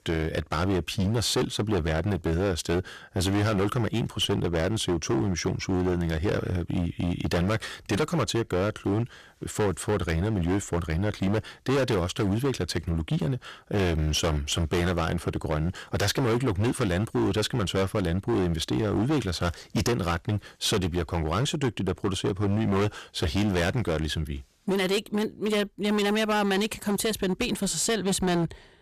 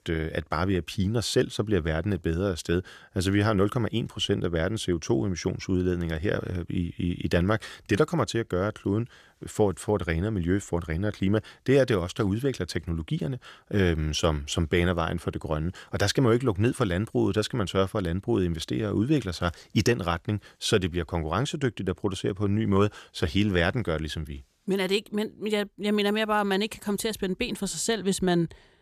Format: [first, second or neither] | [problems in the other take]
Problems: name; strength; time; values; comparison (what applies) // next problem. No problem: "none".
second | distortion; heavy; 19% of the sound clipped